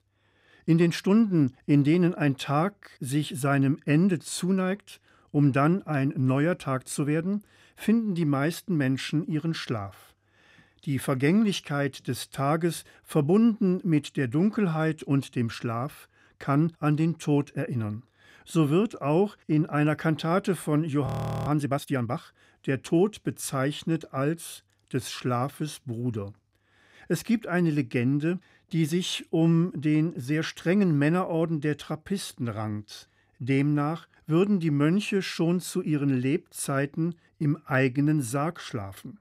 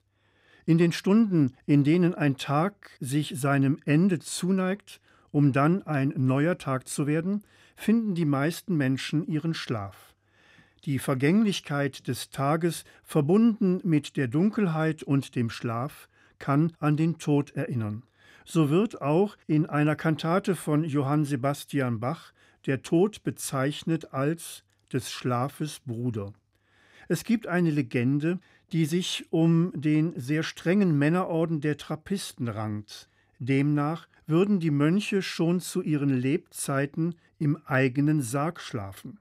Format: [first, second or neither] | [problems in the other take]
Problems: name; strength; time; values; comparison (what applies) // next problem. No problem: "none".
second | audio freezing; at 21 s